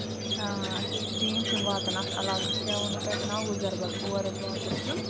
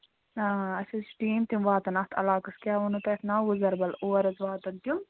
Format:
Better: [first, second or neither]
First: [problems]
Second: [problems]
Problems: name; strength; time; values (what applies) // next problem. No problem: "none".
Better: second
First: background sound (Squeak); 3 dB above the speech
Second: none